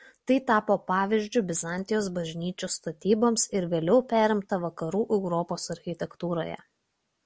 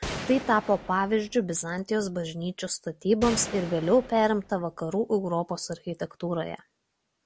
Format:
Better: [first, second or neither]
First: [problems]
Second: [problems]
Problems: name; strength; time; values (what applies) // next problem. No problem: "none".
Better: first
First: none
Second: background sound (Gunshot, gunfire); 12 dB below the speech